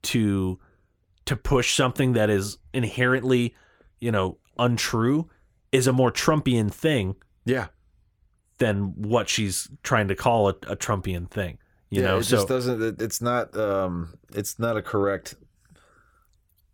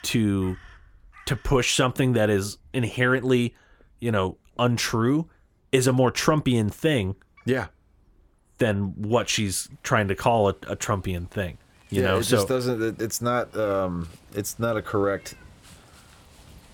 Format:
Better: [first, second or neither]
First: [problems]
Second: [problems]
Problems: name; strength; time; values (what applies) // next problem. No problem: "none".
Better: first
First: none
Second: animal sounds; faint; throughout; 30 dB below the speech